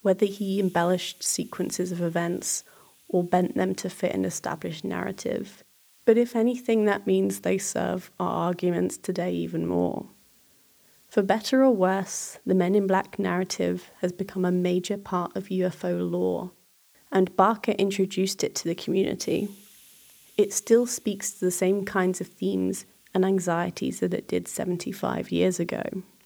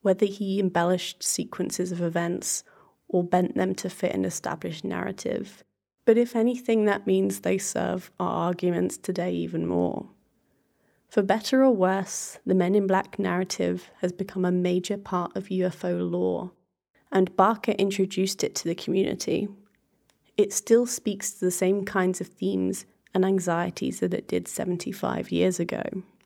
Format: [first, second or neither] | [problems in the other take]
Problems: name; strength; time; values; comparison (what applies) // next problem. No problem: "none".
second | hiss; faint; throughout; 30 dB below the speech